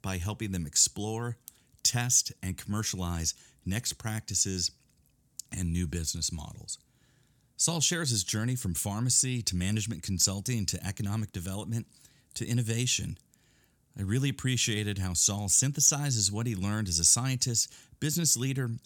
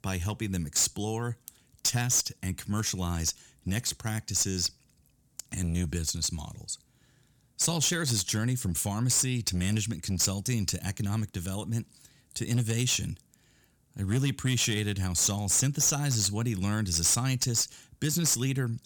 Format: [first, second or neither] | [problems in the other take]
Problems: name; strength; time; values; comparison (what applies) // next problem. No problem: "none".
first | distortion; slight; 3% of the sound clipped